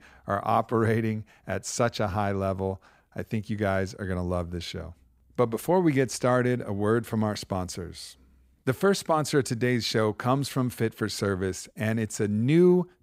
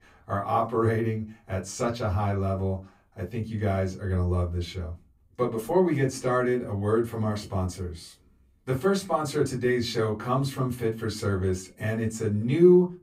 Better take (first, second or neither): first